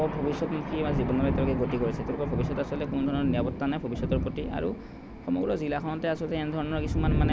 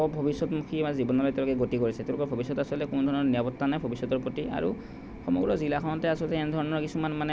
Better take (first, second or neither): second